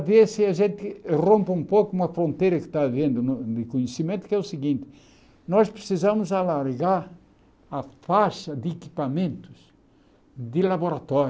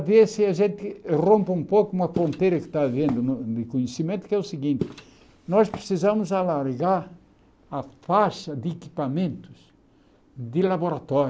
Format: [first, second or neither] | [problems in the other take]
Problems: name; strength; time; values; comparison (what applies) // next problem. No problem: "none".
first | background sound (Walk, footsteps); 14 dB below the speech